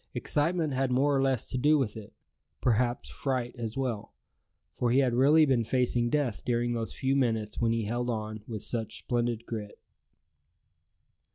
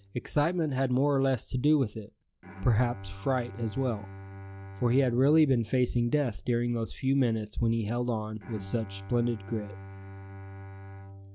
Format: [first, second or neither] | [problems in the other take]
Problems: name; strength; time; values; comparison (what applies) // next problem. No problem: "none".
first | background sound (Bowed string instrument); 16 dB below the speech